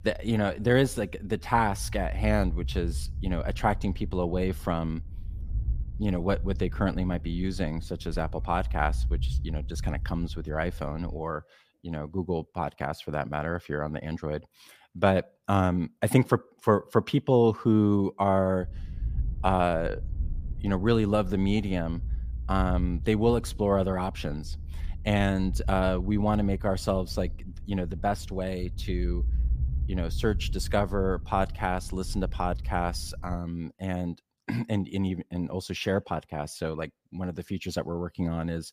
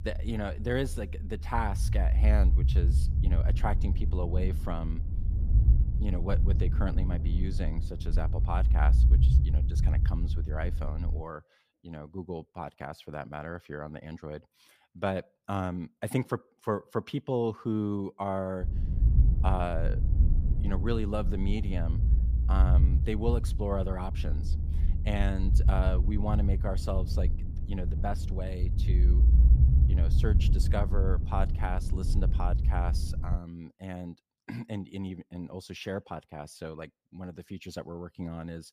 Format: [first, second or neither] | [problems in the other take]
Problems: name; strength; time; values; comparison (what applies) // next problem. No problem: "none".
first | low rumble; loud; until 11 s and from 19 to 33 s; 8 dB below the speech; faint in the first